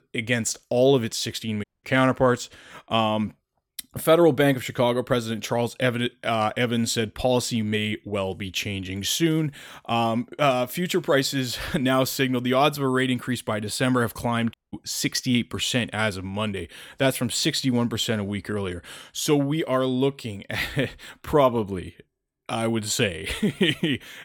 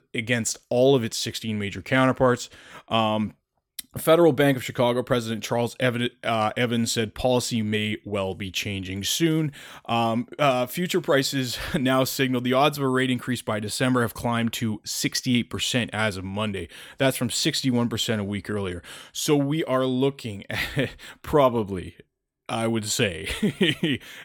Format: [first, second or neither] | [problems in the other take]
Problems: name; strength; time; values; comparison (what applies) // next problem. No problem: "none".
second | audio cutting out; at 1.5 s and at 15 s